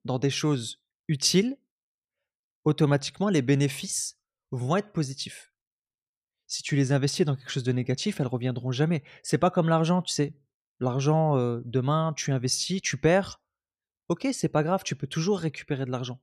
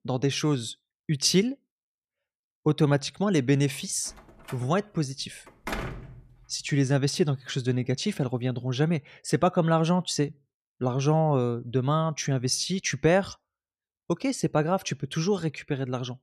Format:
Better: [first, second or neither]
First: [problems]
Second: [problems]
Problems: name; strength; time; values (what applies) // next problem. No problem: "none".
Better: first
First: none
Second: door banging; noticeable; from 4 to 6 s; peak 7 dB below the speech